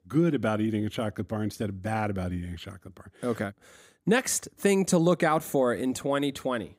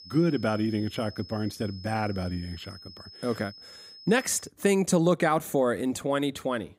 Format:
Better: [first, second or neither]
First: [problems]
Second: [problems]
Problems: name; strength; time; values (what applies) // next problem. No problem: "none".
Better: first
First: none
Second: high-pitched whine; noticeable; until 4.5 s; 5 kHz, 20 dB below the speech